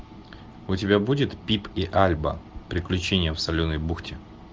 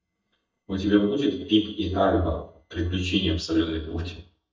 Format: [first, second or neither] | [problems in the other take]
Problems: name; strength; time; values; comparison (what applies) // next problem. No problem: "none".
first | noise reduction (neural mask model DeepFilterNet 3)